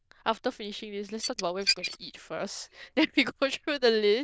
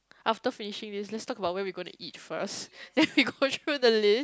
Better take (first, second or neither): second